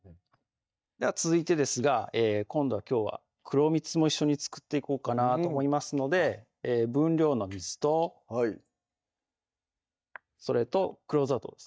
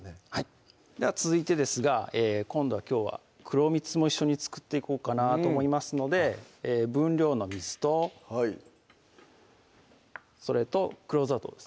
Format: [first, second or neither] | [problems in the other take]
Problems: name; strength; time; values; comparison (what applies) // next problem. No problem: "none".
second | noise reduction (neural mask model DeepFilterNet 3)